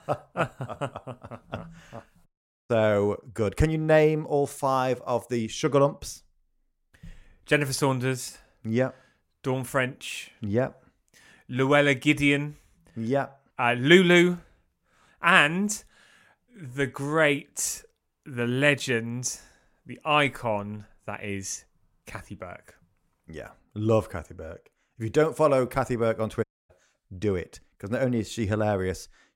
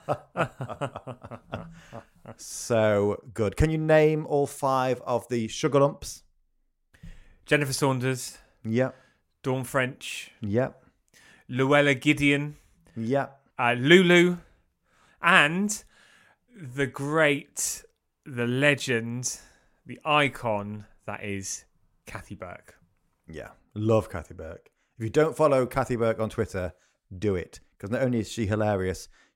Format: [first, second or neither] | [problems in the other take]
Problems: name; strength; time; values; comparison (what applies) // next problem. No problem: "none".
second | audio cutting out; at 2.5 s and at 26 s